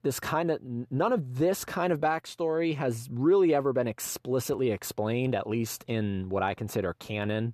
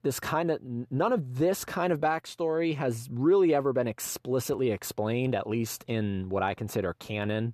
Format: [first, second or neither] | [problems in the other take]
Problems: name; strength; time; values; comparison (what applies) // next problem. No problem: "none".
neither | none